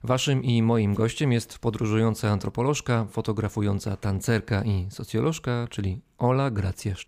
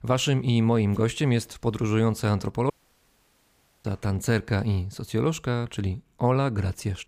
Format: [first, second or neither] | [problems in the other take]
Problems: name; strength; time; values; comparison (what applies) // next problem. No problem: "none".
first | audio cutting out; at 2.5 s for 1 s